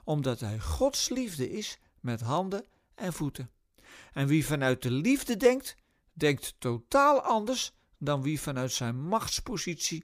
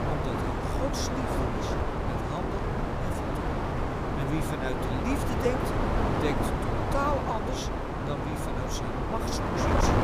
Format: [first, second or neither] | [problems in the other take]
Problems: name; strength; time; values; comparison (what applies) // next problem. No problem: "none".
first | wind noise on the microphone; heavy; 4 dB above the speech